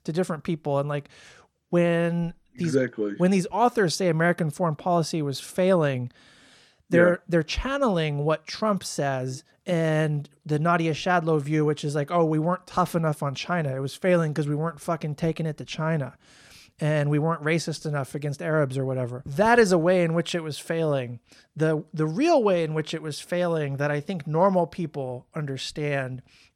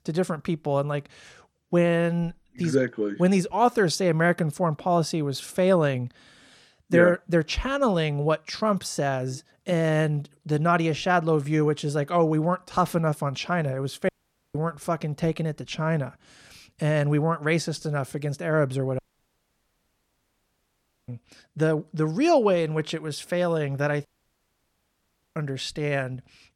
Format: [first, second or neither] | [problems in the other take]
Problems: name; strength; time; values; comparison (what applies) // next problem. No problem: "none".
first | audio cutting out; at 14 s, at 19 s for 2 s and at 24 s for 1.5 s